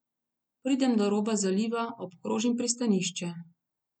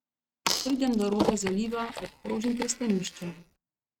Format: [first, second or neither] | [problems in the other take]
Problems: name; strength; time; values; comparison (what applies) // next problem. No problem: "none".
first | noise reduction (neural mask model RNNoise)